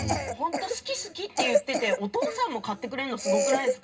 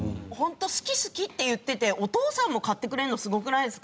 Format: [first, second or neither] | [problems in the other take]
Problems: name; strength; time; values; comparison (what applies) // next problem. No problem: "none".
second | background sound (Cough); 1 dB above the speech // room echo; dies away in 0.2 s